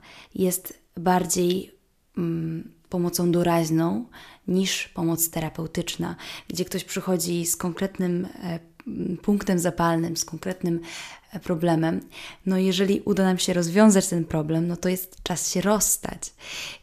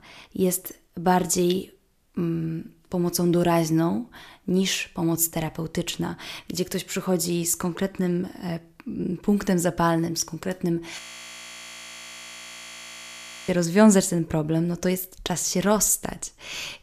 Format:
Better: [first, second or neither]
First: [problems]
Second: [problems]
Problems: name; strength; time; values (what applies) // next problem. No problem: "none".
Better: first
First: none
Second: audio freezing; at 11 s for 2.5 s